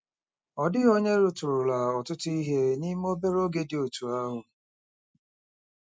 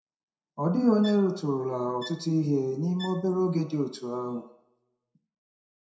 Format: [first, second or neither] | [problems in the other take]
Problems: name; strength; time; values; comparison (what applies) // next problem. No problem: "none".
first | background sound (Bowed string instrument); 20 dB below the speech // room echo; dies away in 0.6 s